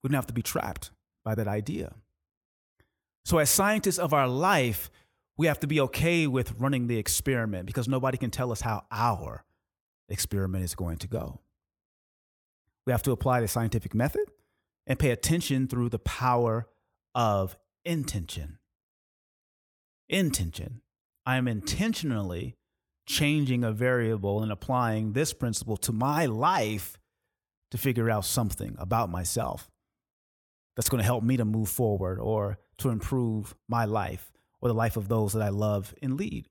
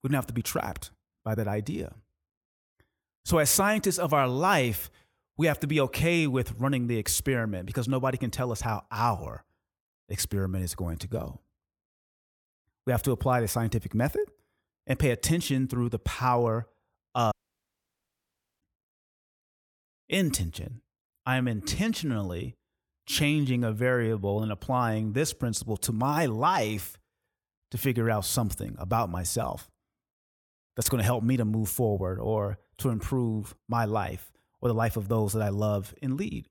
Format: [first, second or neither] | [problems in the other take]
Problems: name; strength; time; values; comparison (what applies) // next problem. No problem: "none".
first | audio cutting out; at 17 s for 1.5 s